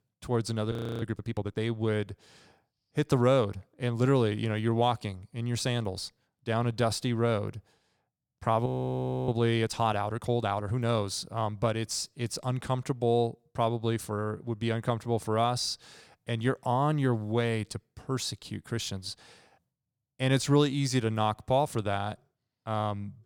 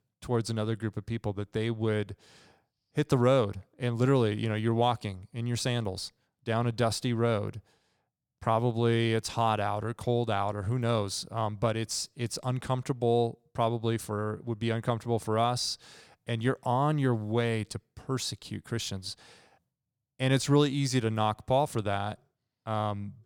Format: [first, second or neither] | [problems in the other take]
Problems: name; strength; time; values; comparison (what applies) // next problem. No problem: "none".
second | audio freezing; at 0.5 s and at 8.5 s for 0.5 s